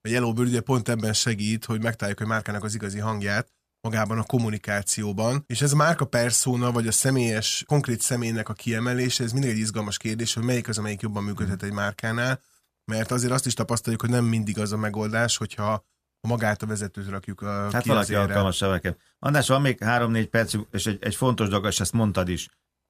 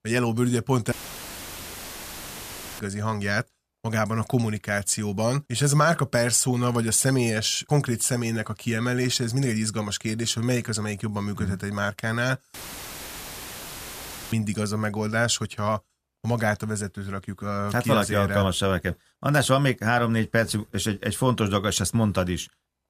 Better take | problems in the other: first | audio cutting out; filled with static; at 1 s for 2 s and at 13 s for 2 s

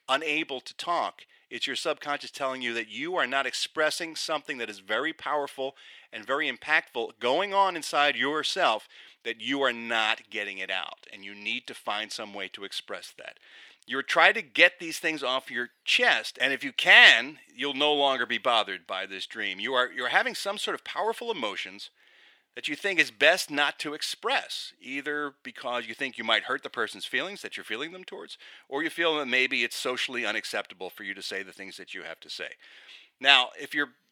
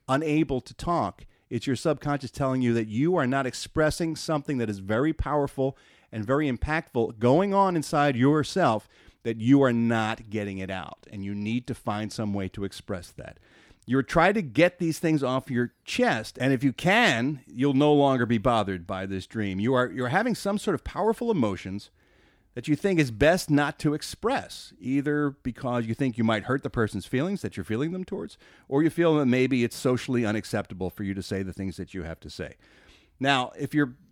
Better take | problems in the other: second | thin; very; fading below 600 Hz

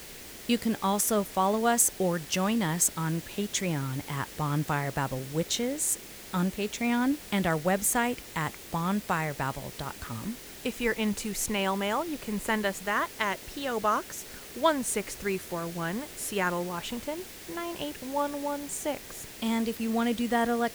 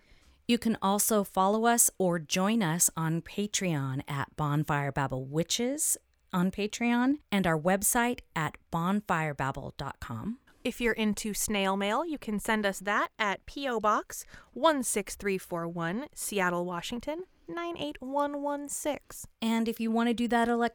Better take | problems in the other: second | hiss; noticeable; throughout; 15 dB below the speech

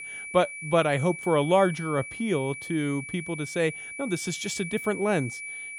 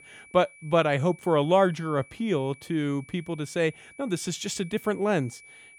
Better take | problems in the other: second | high-pitched whine; loud; throughout; 2.5 kHz, 9 dB below the speech; faint in the second

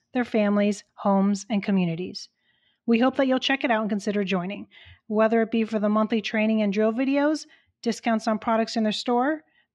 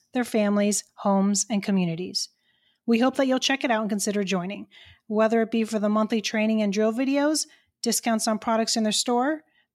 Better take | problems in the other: second | muffled; slightly; fading above 3 kHz

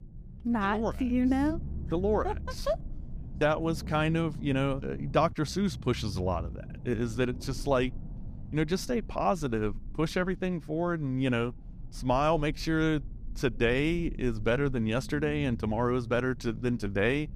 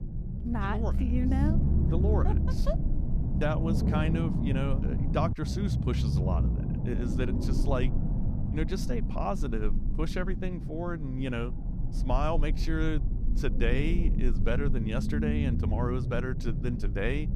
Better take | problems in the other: first | low rumble; loud; throughout; 6 dB below the speech; faint in the first

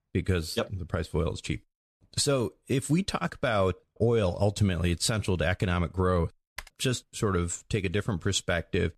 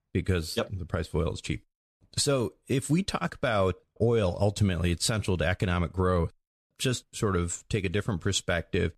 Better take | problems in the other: second | keyboard typing; faint; at 6.5 s; peak 15 dB below the speech

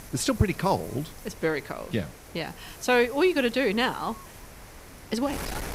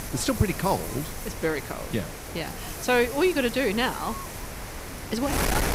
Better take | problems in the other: first | wind noise on the microphone; heavy; 8 dB below the speech; occasional gusts in the first

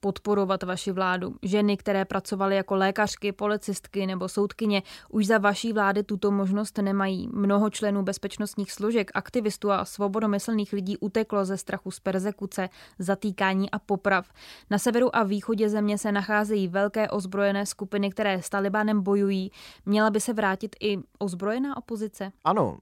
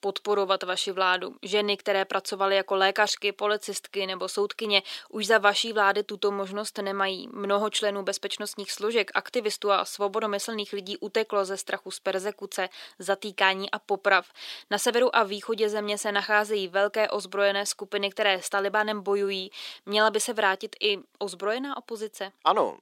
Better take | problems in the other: first | thin; somewhat; fading below 350 Hz

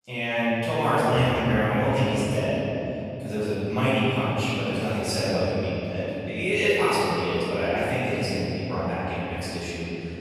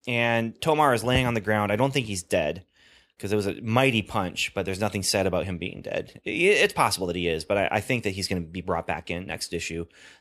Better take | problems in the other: second | off-mic speech; far // room echo; strong; dies away in 3 s

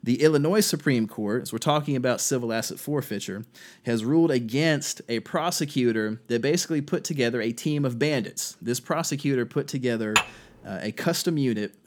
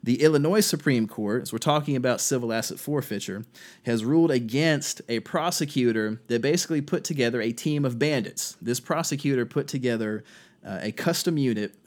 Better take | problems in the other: second | clattering dishes; loud; at 10 s; peak 2 dB above the speech

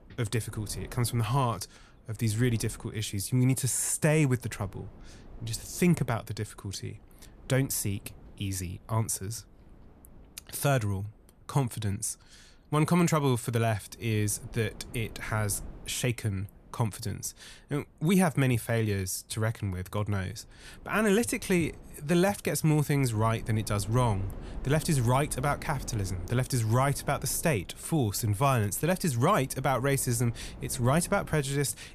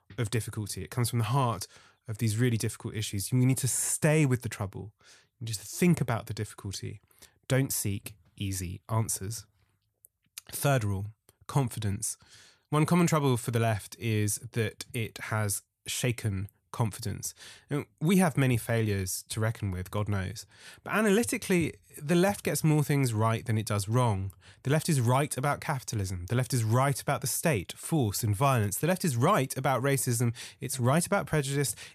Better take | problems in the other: second | wind noise on the microphone; occasional gusts; 25 dB below the speech

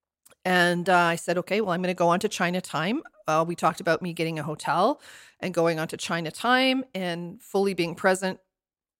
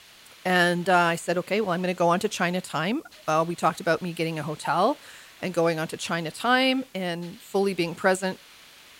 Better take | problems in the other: first | hiss; faint; throughout; 25 dB below the speech

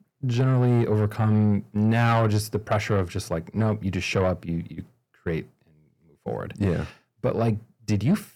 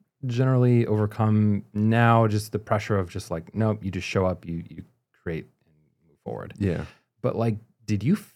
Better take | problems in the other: second | distortion; slight; 10 dB below the speech

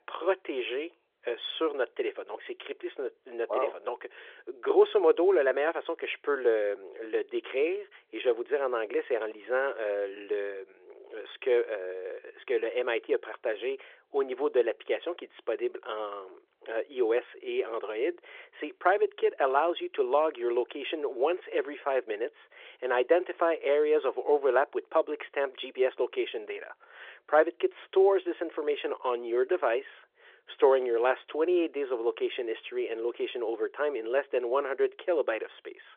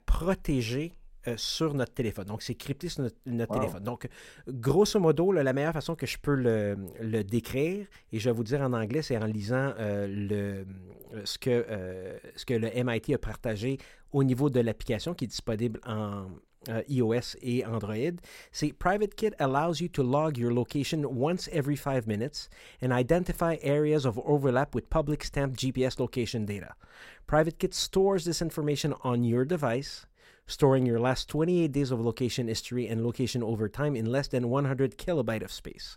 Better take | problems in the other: second | phone-call audio; nothing above 3.5 kHz

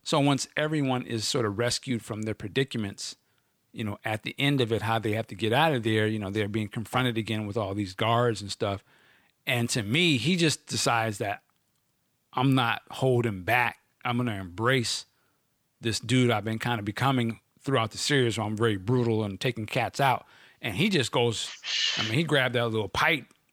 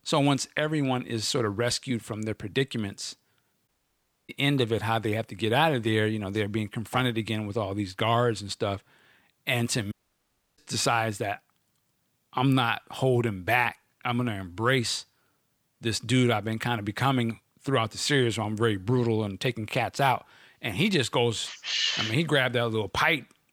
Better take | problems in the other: first | audio cutting out; at 3.5 s for 0.5 s and at 10 s for 0.5 s

